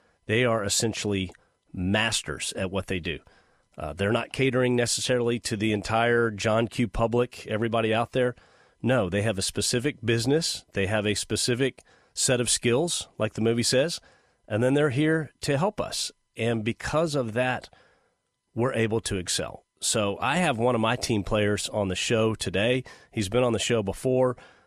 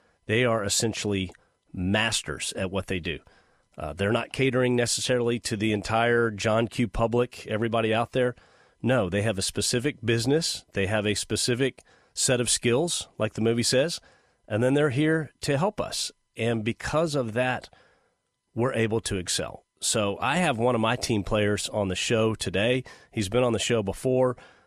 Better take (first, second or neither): neither